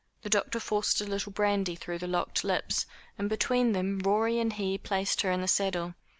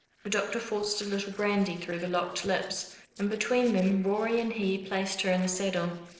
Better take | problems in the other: first | noise reduction (neural separator model SepFormer DNS4)

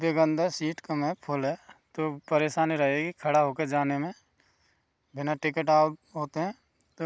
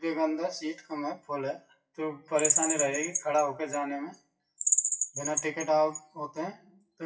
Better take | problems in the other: first | noise reduction (classical method WPE with log-MMSE)

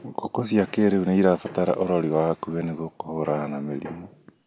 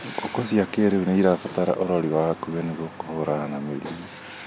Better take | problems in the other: first | background sound (Engine starting + Writing); 16 dB below the speech

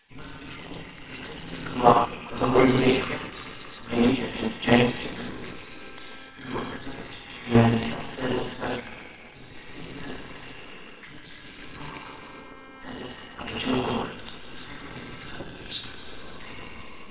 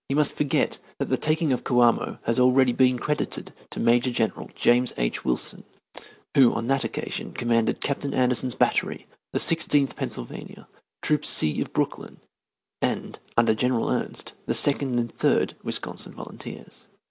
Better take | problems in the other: second | noise reduction (neural separator model SepFormer WHAMR!)

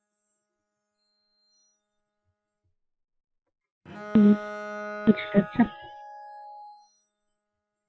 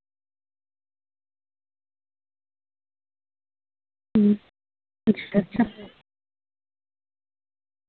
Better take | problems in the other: second | noise reduction (classical method Wiener filter)

